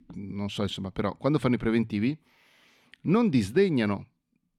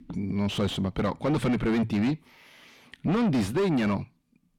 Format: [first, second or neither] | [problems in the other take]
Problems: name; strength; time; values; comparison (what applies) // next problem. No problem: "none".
first | distortion; heavy; 5 dB below the speech